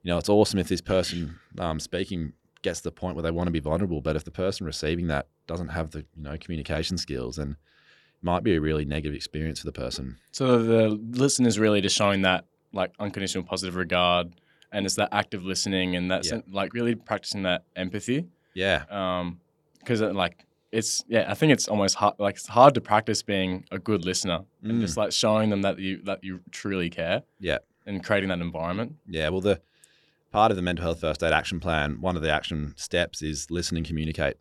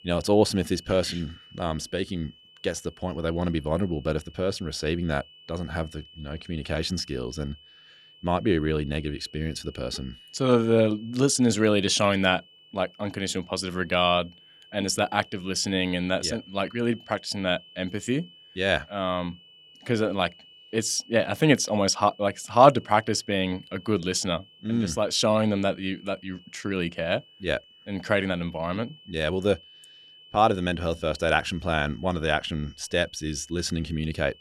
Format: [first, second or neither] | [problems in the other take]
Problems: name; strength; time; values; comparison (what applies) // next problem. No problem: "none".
first | high-pitched whine; faint; throughout; 3 kHz, 25 dB below the speech